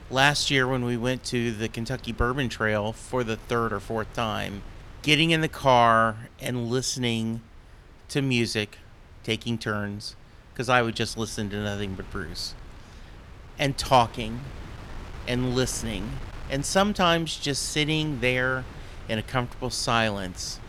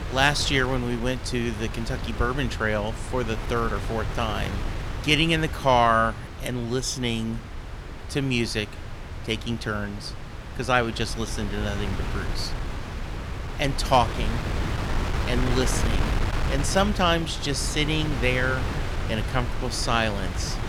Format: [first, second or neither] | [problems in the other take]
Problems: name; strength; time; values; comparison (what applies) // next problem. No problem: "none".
first | wind noise on the microphone; heavy; 10 dB below the speech; occasional gusts in the first